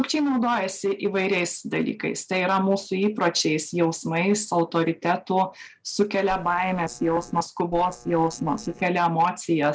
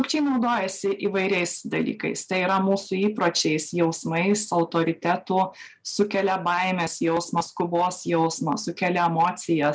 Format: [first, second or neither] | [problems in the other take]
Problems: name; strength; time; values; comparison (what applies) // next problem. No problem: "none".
second | noise reduction (neural separator model SepFormer DNS4)